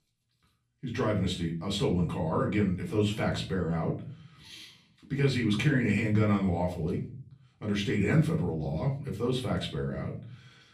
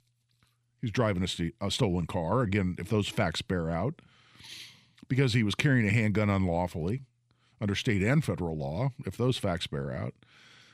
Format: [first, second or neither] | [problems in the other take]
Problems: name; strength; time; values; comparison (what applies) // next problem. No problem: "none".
second | off-mic speech; far // room echo; slight; dies away in 0.4 s